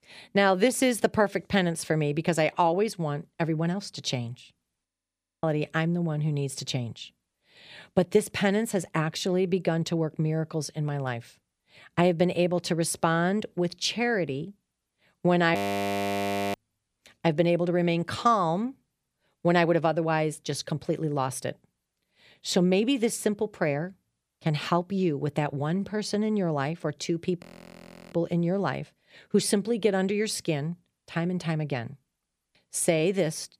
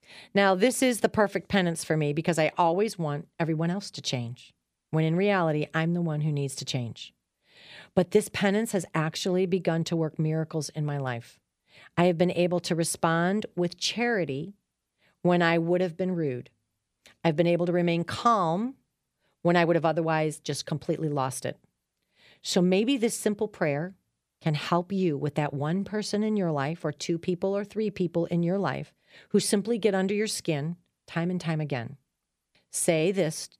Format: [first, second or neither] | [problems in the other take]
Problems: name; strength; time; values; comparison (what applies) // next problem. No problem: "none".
second | audio freezing; at 5 s for 0.5 s, at 16 s for 1 s and at 27 s for 0.5 s